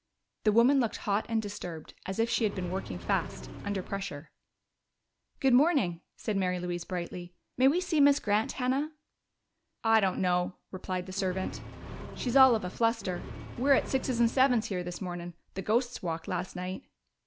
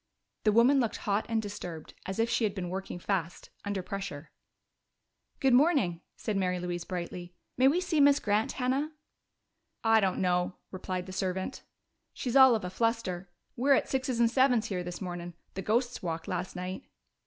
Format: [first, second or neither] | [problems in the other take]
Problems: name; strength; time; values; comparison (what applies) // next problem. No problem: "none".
second | background sound (Accelerating, revving, vroom); 11 dB below the speech